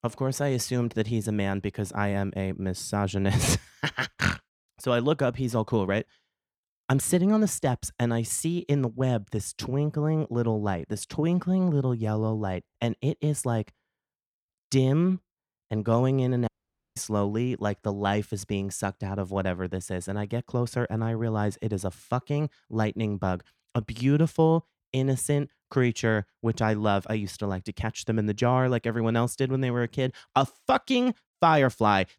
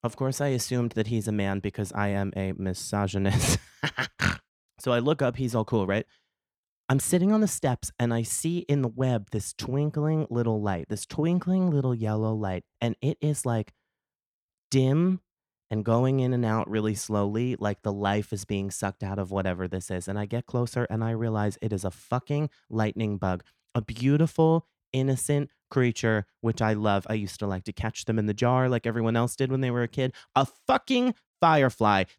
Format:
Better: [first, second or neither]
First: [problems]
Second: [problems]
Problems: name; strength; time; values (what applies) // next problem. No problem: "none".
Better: second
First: audio cutting out; at 16 s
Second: none